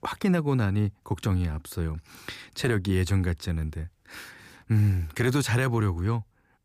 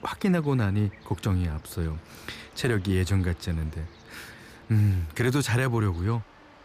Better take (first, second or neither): first